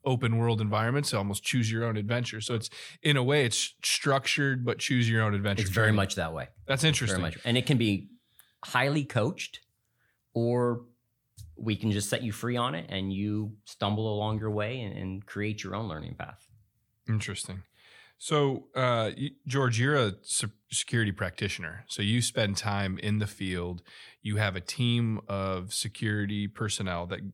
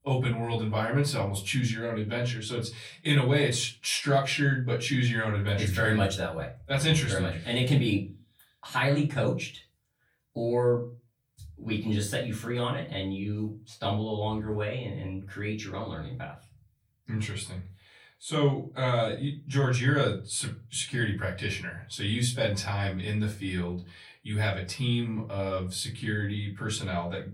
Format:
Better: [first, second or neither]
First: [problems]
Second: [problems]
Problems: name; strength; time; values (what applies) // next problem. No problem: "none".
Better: first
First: none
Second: off-mic speech; far // room echo; very slight; dies away in 0.2 s